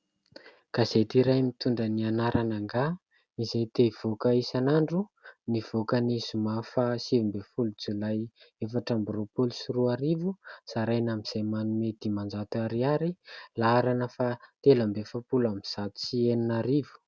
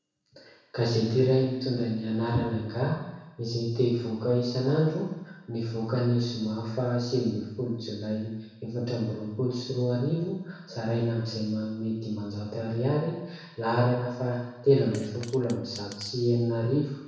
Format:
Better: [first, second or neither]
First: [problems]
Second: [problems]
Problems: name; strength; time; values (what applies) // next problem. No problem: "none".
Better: first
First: none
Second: background sound (Fart); 20 dB below the speech // room echo; dies away in 1 s